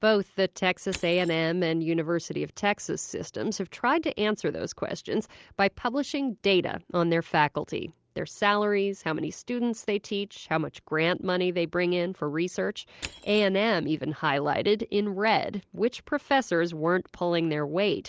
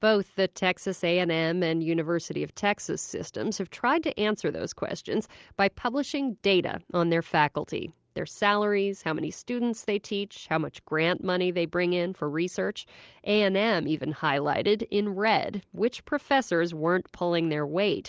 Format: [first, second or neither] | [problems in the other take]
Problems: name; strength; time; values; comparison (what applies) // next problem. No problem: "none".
second | background sound (Crushing); 19 dB below the speech